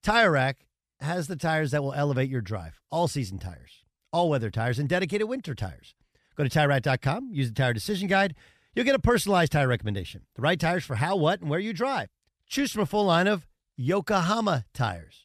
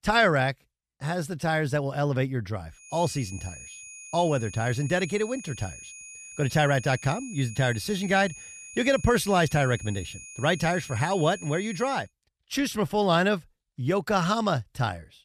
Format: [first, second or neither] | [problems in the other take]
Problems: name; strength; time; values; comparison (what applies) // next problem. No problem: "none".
first | high-pitched whine; noticeable; from 3 to 12 s; 6.5 kHz, 15 dB below the speech